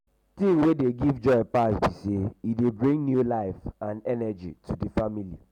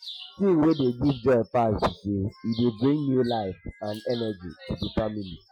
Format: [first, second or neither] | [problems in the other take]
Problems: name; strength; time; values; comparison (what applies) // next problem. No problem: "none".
first | noise reduction (classical method Wiener filter)